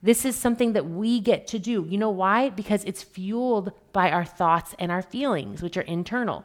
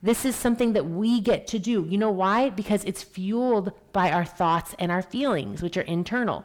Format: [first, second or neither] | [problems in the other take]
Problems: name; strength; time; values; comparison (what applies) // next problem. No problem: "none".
first | distortion; slight; 10 dB below the speech